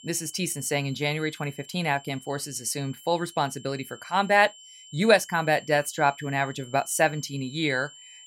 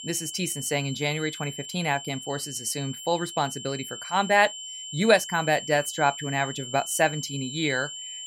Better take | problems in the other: first | high-pitched whine; loud; throughout; 3 kHz, 10 dB below the speech; faint in the first

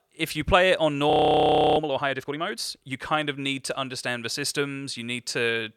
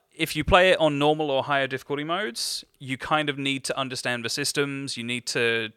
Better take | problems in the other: second | audio freezing; at 1 s for 0.5 s

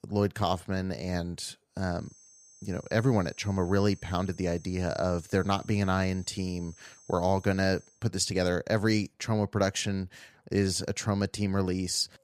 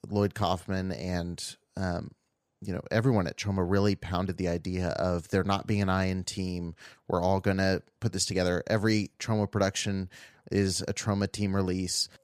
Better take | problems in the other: second | high-pitched whine; faint; from 2 to 8 s; 6.5 kHz, 25 dB below the speech

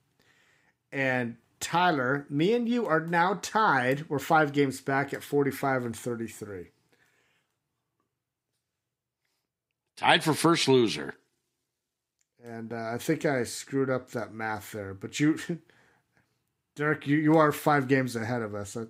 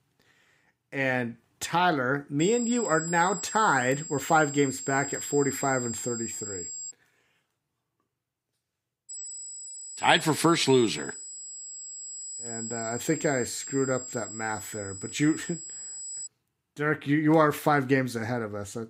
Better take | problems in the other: first | high-pitched whine; loud; from 2.5 to 7 s and from 9 to 16 s; 7.5 kHz, 9 dB below the speech

